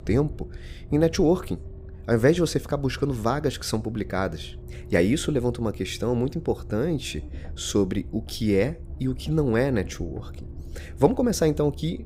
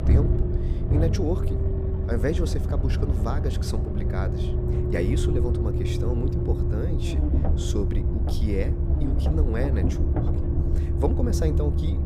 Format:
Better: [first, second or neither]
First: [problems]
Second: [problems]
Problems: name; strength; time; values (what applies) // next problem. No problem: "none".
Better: first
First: low rumble; faint; throughout; 25 dB below the speech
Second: low rumble; loud; throughout; 2 dB below the speech